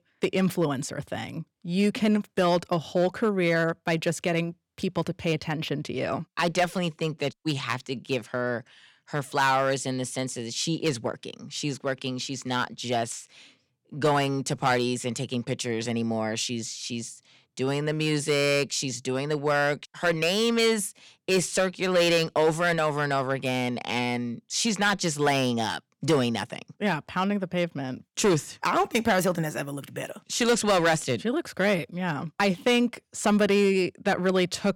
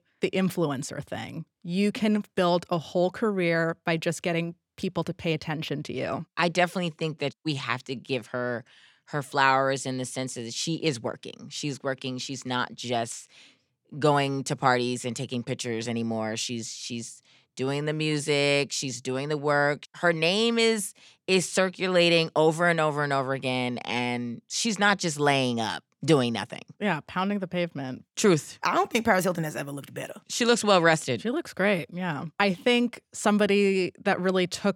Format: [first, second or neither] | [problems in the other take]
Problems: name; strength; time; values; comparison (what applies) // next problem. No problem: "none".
second | distortion; slight; 3% of the sound clipped